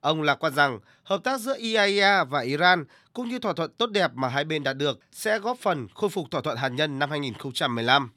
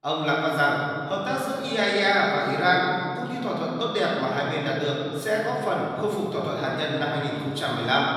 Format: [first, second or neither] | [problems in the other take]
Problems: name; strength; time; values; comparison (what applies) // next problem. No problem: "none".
first | room echo; noticeable; dies away in 2.7 s // off-mic speech; far